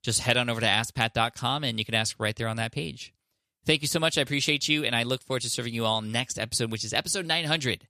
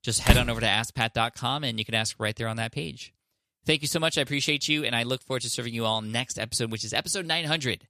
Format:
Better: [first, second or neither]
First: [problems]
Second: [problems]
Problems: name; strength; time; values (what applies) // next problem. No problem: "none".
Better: first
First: none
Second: door banging; loud; at 0.5 s; peak 2 dB above the speech